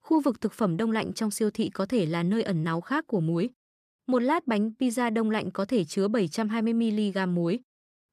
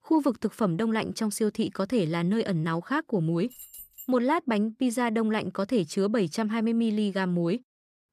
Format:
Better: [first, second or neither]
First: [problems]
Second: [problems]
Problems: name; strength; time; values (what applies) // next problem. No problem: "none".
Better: first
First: none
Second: jangling keys; faint; at 3.5 s; peak 15 dB below the speech